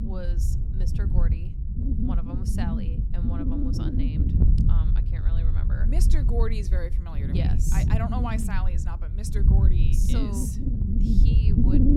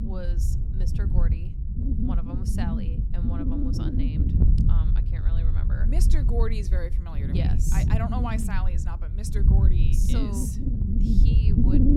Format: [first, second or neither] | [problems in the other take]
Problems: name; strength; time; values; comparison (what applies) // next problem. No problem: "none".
neither | wind noise on the microphone; heavy; 1 dB above the speech; the same in both